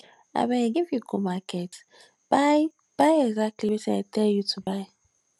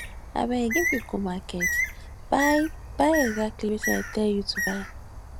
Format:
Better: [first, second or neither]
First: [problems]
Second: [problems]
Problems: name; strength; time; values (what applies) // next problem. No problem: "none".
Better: first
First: none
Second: background sound (Bird); 5 dB below the speech